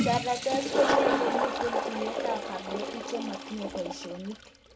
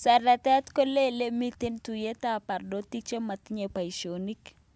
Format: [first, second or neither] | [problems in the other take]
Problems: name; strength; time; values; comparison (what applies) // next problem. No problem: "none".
second | background sound (Toilet flush); 2 dB above the speech // room echo; dies away in 0.2 s